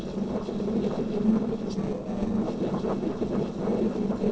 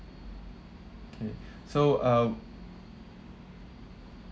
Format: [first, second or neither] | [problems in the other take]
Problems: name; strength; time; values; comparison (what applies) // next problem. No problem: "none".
second | noise reduction (neural separator model SepFormer DNS4)